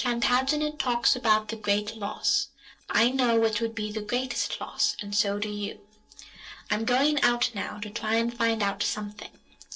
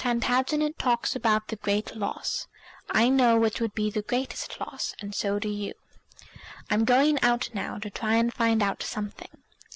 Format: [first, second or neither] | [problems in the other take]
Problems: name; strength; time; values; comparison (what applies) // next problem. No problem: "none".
second | noise reduction (neural separator model SepFormer DNS4)